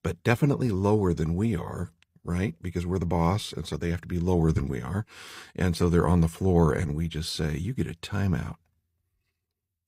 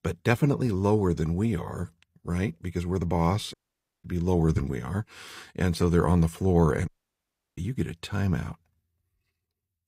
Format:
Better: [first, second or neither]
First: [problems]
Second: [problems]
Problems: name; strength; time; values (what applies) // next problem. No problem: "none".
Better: first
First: none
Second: audio cutting out; at 3.5 s for 0.5 s and at 7 s for 0.5 s